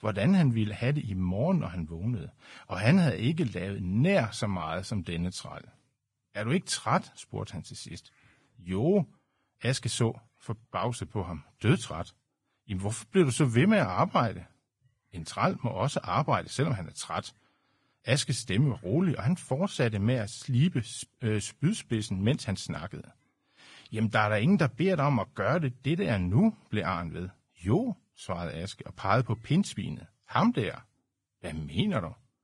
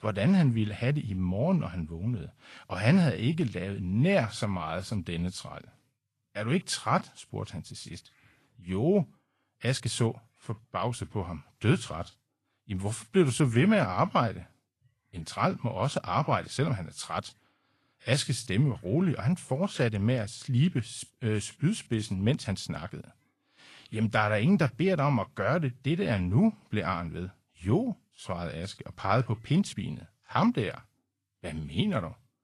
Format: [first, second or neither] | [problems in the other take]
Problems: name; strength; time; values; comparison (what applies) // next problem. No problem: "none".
second | garbled, watery; badly; nothing above 10 kHz; slightly in the second